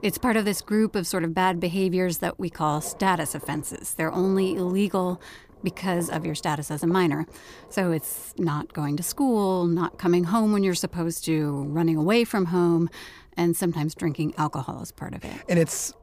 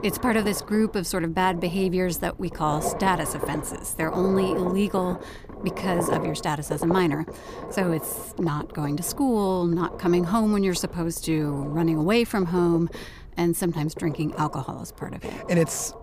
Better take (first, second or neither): first